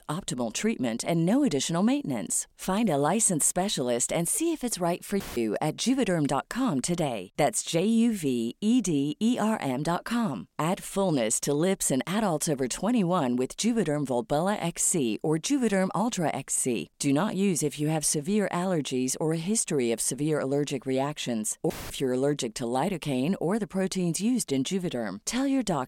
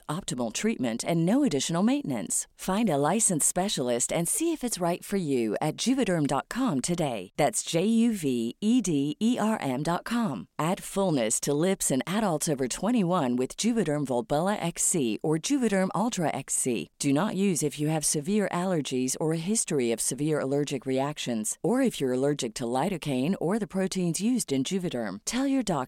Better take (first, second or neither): second